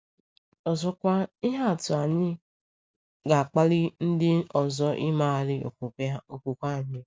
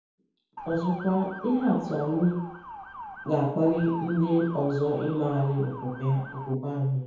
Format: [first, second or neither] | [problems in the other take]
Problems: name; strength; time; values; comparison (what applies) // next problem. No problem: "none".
first | background sound (Motor vehicle (road) / Siren); 14 dB below the speech // room echo; dies away in 2 s